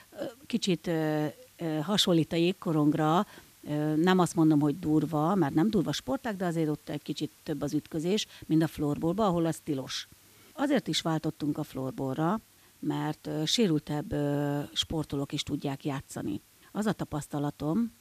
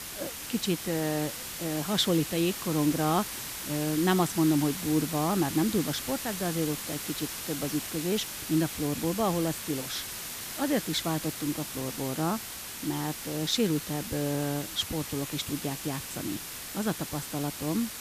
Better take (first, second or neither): first